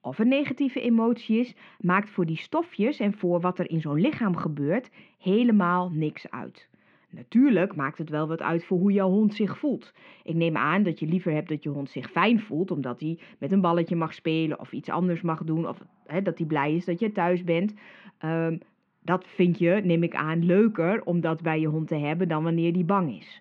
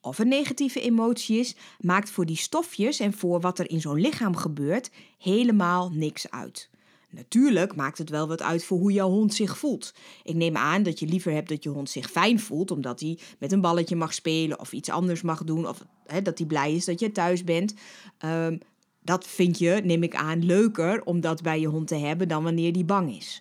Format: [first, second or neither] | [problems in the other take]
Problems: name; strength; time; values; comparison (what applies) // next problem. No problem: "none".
second | muffled; very; fading above 2.5 kHz